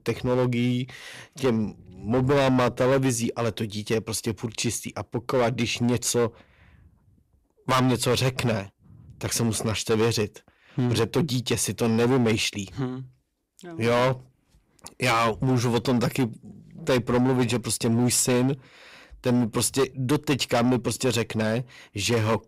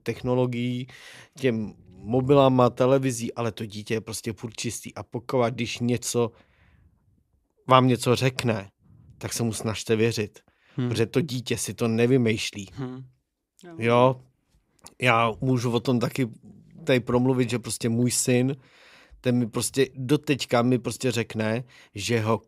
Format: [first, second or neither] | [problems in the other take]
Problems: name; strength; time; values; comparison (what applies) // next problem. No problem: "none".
second | distortion; heavy; 10% of the sound clipped